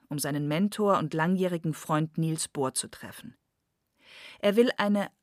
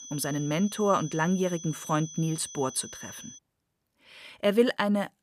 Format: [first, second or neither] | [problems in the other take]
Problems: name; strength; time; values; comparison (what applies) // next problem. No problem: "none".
first | high-pitched whine; noticeable; until 3.5 s; 6 kHz, 15 dB below the speech